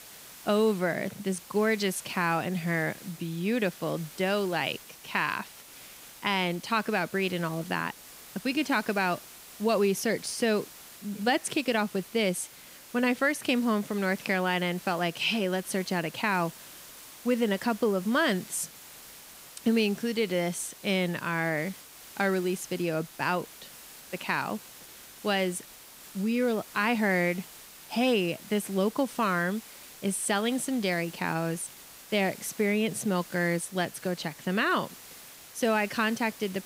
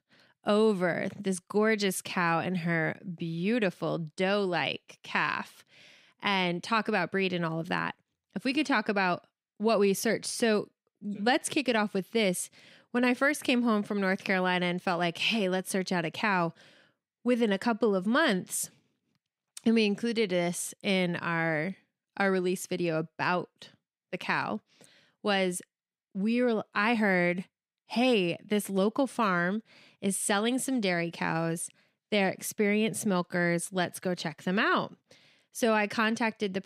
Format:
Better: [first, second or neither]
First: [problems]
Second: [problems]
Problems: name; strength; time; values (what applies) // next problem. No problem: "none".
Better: second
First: hiss; noticeable; throughout; 15 dB below the speech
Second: none